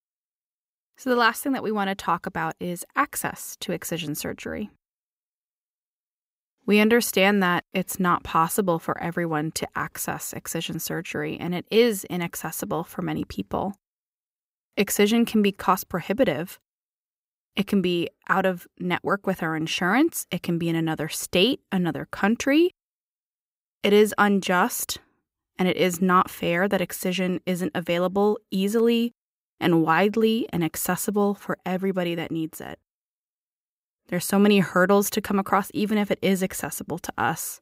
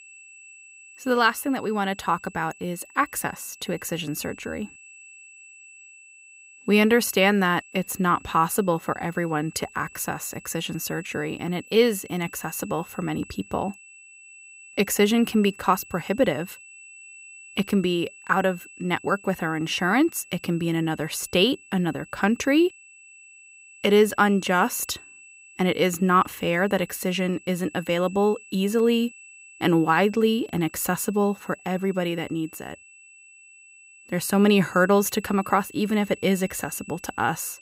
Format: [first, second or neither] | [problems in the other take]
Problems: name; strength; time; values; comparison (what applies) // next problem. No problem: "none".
first | high-pitched whine; faint; throughout; 2.5 kHz, 20 dB below the speech